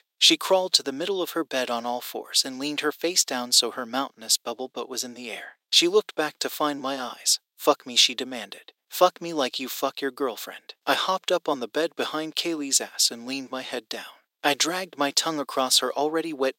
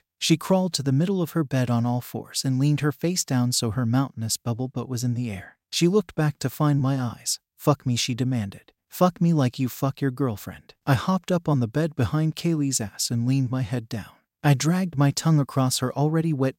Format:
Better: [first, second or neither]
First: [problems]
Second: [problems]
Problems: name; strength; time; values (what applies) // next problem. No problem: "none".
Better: second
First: thin; very; fading below 350 Hz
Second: none